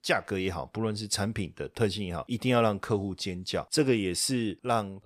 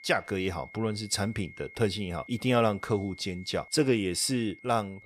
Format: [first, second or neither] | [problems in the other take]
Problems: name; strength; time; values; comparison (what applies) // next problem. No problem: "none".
first | high-pitched whine; noticeable; throughout; 2 kHz, 20 dB below the speech